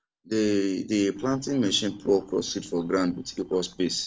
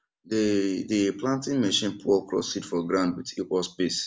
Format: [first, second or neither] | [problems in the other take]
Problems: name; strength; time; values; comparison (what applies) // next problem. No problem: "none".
second | noise reduction (neural separator model SepFormer DNS4)